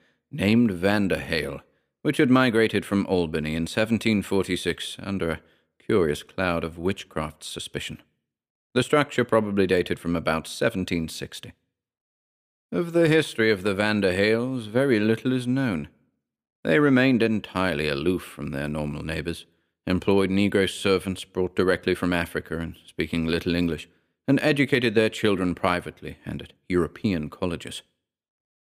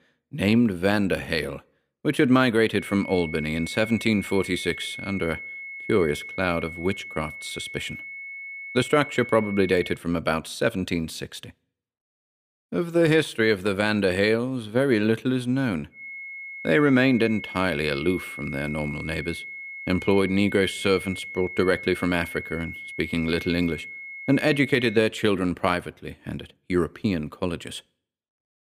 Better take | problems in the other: first | high-pitched whine; noticeable; from 3 to 10 s and from 16 to 25 s; 2 kHz, 10 dB below the speech

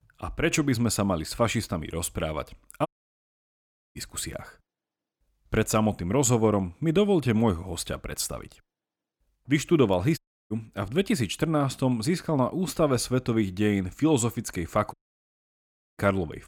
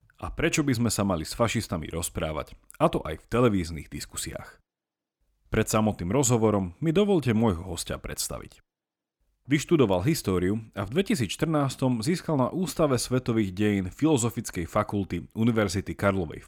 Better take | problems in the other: second | audio cutting out; at 3 s for 1 s, at 10 s and at 15 s for 1 s

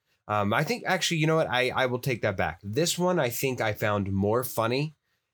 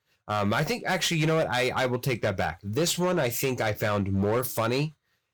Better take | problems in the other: first | distortion; slight; 12% of the sound clipped

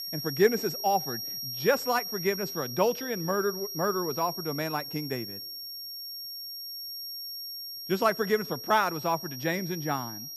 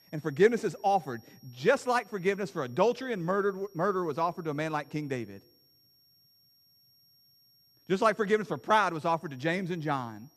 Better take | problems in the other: second | high-pitched whine; loud; throughout; 5.5 kHz, 6 dB below the speech; faint in the second

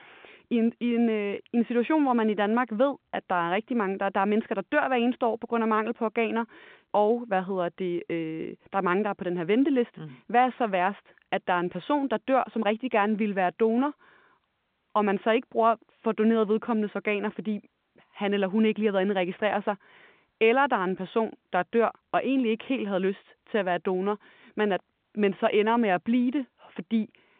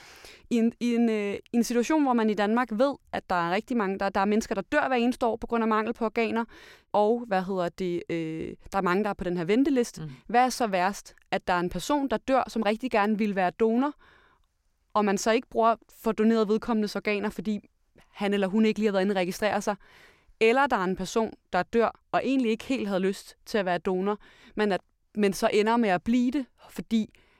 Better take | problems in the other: second | phone-call audio

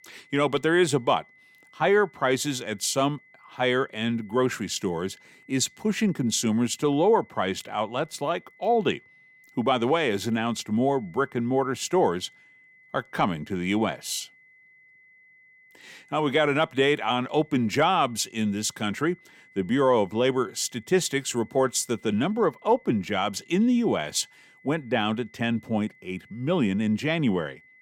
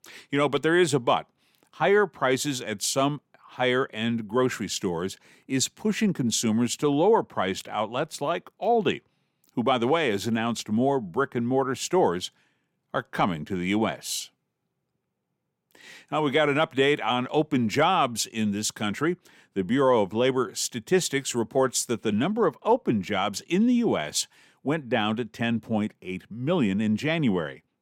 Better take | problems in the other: second | high-pitched whine; faint; throughout; 2 kHz, 30 dB below the speech

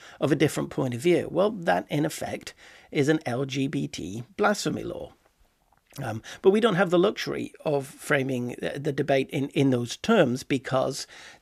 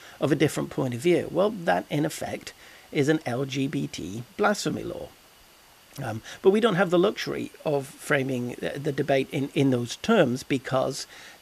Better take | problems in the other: first | hiss; faint; throughout; 25 dB below the speech

